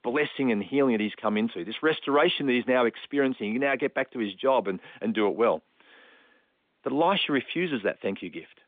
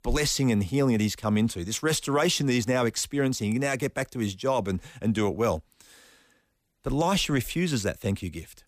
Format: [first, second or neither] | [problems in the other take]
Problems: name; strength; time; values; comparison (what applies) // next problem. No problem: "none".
second | phone-call audio